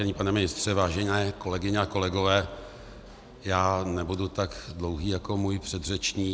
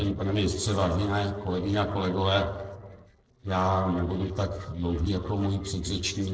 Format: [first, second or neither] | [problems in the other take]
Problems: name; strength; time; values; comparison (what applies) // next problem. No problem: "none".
first | noise reduction (neural separator model SepFormer DNS4)